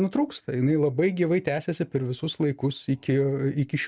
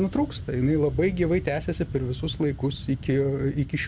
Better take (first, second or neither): first